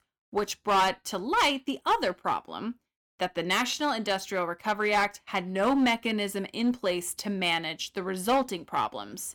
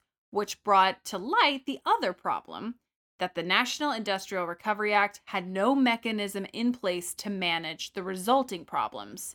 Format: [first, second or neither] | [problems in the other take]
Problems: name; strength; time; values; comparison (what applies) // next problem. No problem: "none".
second | distortion; slight; 5% of the sound clipped